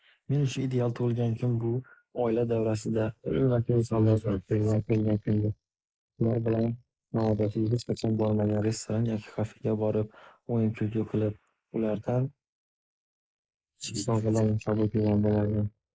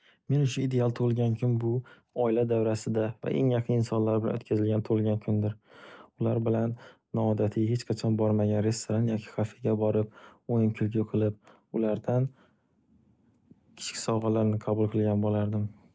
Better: second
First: noise reduction (neural mask model Resemble Enhance denoiser)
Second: none

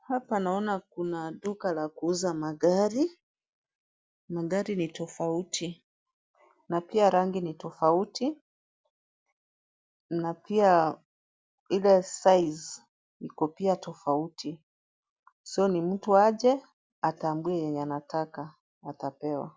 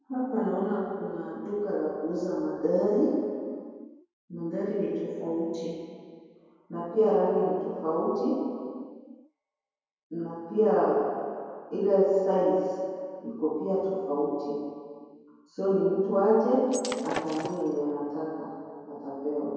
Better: first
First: none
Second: background sound (Shatter); 10 dB below the speech // room echo; dies away in 2.2 s

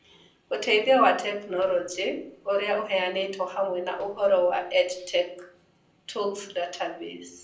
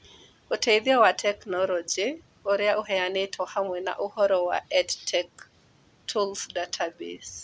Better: second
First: noise reduction (neural separator model SepFormer DNS4)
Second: none

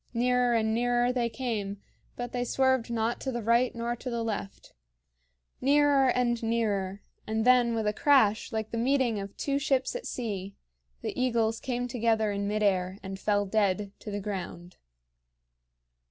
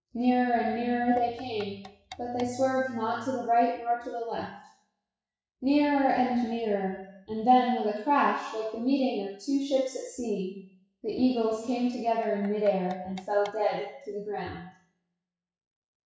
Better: first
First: none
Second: noise reduction (classical method WPE with log-MMSE)

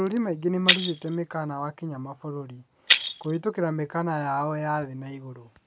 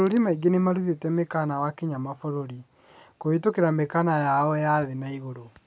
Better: second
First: background sound (Shatter); 1 dB below the speech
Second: none

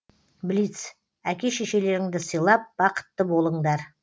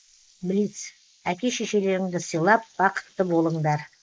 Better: first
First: none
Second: noise reduction (neural mask model Resemble Enhance denoiser)

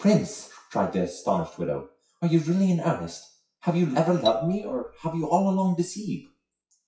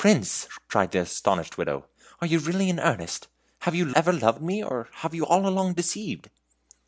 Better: second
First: noise reduction (classical method WPE with log-MMSE)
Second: none

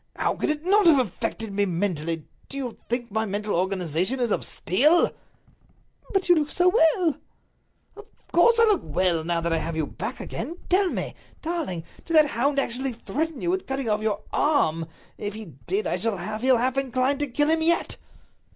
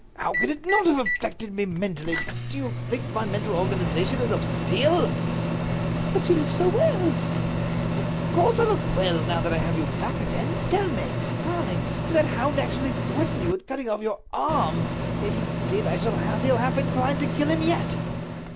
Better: first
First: none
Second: background sound (Microwave oven); as loud as the speech

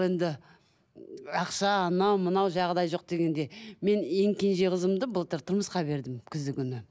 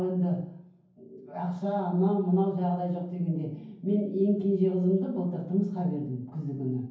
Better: first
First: none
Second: room echo; dies away in 0.9 s

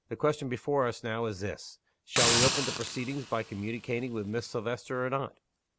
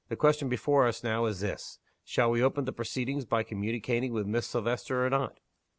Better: second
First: background sound (Hiss); as loud as the speech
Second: none

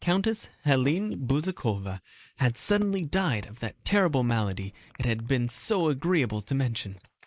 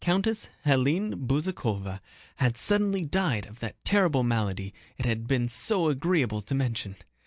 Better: second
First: noise reduction (neural mask model Resemble Enhance denoiser)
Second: none

